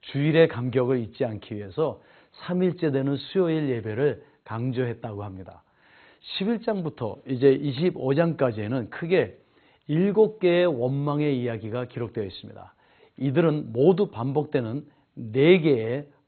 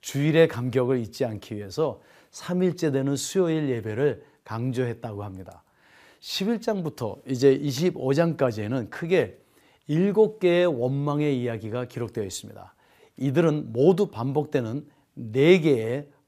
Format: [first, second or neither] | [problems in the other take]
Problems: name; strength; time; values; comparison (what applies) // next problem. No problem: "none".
second | garbled, watery; badly; nothing above 4 kHz